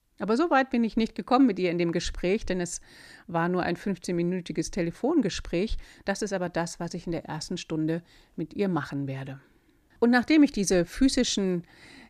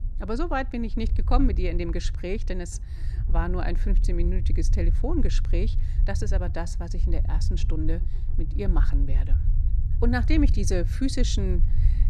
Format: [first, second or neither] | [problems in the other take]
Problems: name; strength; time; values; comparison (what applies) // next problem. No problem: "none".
first | low rumble; noticeable; throughout; 15 dB below the speech